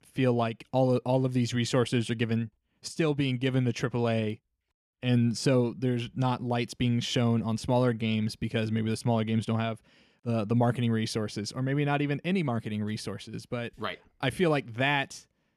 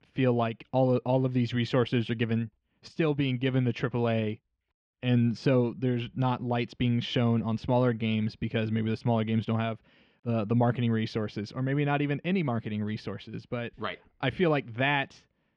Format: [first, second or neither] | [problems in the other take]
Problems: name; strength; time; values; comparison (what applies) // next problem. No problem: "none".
first | muffled; slightly; fading above 3.5 kHz